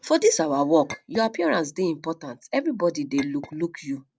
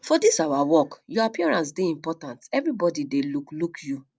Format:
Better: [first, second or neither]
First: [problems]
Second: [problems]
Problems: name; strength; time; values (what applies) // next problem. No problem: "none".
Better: second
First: background sound (Chink, clink); 18 dB below the speech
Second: none